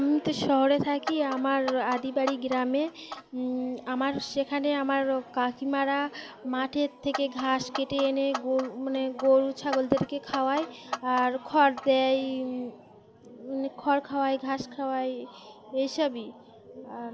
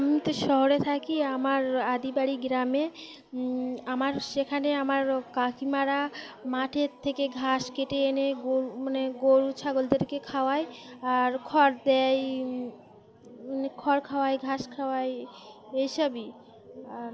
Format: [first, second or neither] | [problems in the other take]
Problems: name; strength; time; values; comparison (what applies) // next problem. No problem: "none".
second | background sound (Clock); 12 dB below the speech